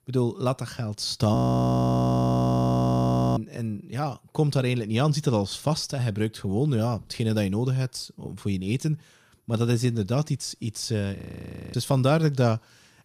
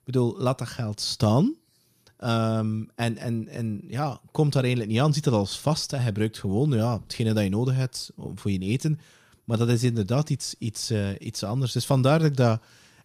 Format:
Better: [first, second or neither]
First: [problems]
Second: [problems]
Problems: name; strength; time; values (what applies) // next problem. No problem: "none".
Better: second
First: audio freezing; at 1.5 s for 2 s and at 11 s for 0.5 s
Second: none